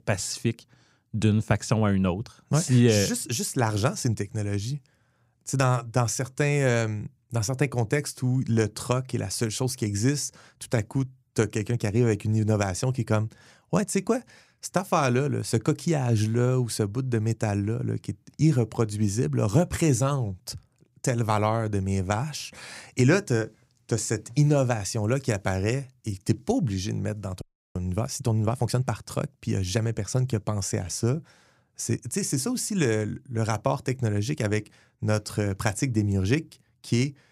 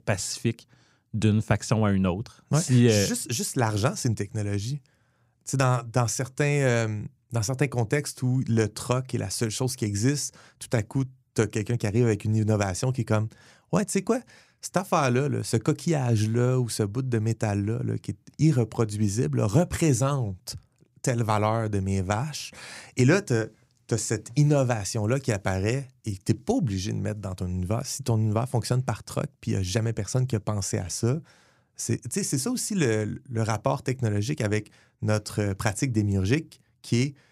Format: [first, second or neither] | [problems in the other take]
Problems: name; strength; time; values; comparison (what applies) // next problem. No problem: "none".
second | audio freezing; at 27 s